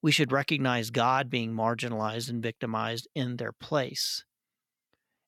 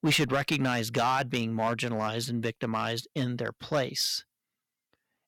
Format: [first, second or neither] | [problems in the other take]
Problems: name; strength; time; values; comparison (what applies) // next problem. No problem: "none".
first | distortion; slight; 4% of the sound clipped